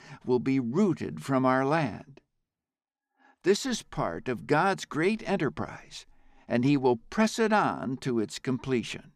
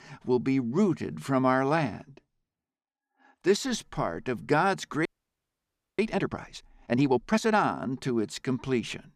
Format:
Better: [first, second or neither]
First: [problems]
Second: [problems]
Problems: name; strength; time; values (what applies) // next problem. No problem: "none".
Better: first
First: none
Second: audio freezing; at 5 s for 1 s